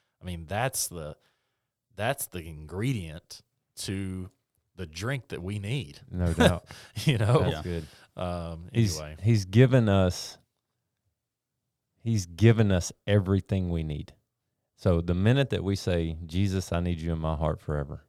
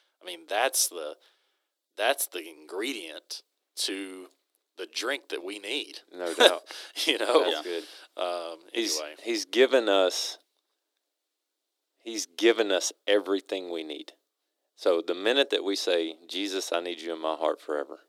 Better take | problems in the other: first | thin; very; fading below 300 Hz

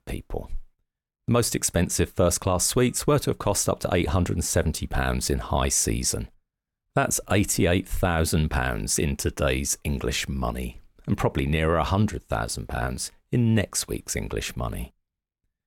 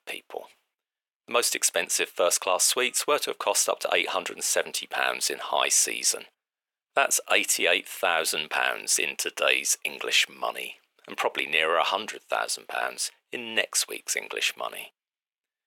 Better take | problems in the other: first | thin; very; fading below 500 Hz

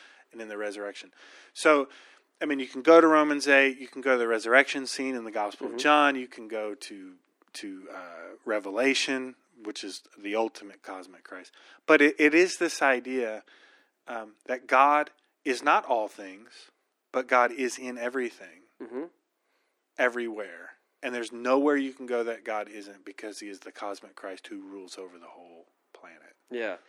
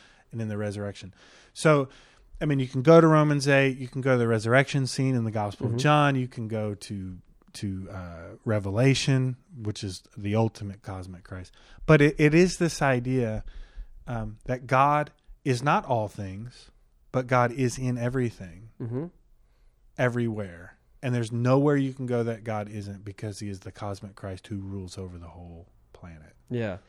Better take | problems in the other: second | thin; somewhat; fading below 300 Hz

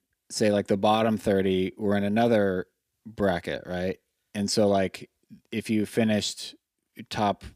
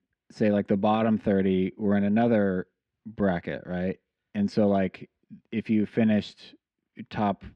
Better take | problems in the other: first | muffled; slightly; fading above 2.5 kHz

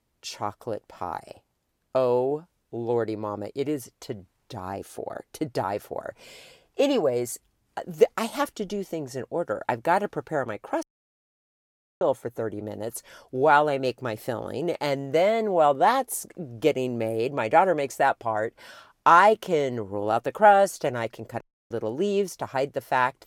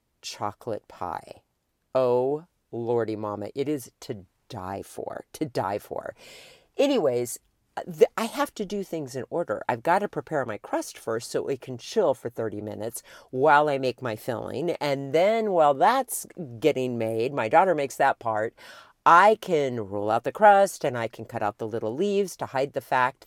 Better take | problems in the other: second | audio cutting out; at 11 s for 1 s and at 21 s

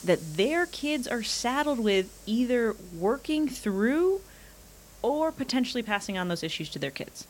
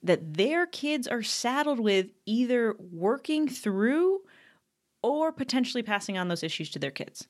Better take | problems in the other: second | hiss; faint; throughout; 20 dB below the speech

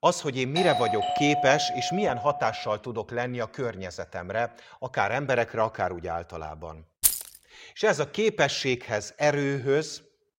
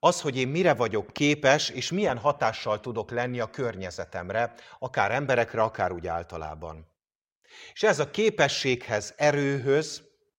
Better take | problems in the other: second | doorbell; noticeable; from 0.5 to 2.5 s; peak level with the speech // jangling keys; loud; at 7 s; peak 4 dB above the speech

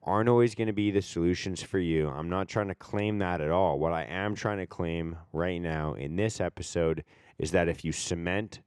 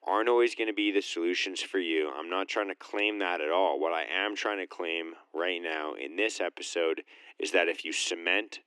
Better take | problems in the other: first | thin; somewhat; fading below 300 Hz

